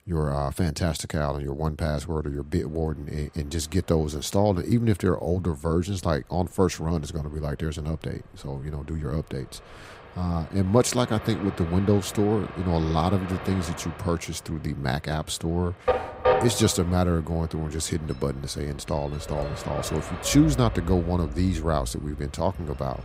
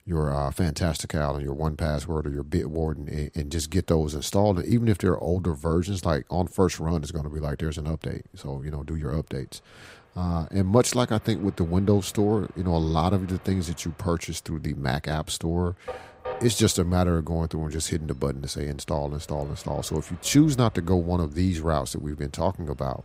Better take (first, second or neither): second